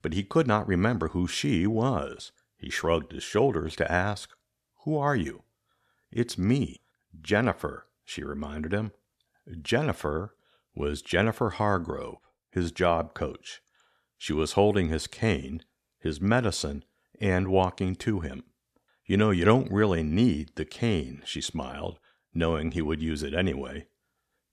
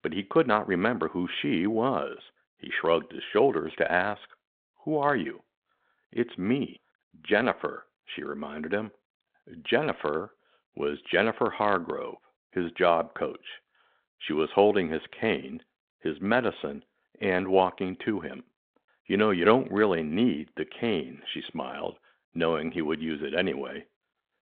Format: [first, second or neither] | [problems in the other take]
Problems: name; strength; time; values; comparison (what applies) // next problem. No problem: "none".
first | phone-call audio